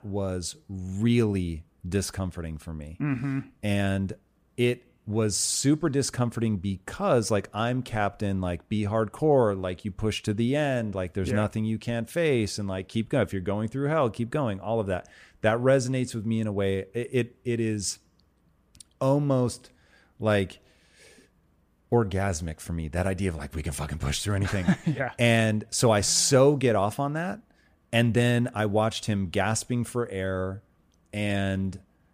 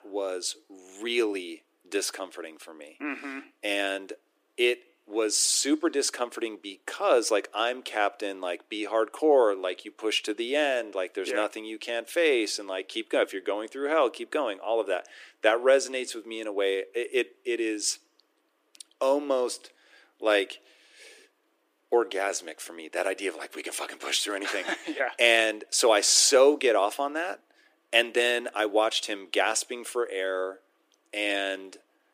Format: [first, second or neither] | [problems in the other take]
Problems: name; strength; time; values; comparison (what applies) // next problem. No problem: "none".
first | thin; very; fading below 300 Hz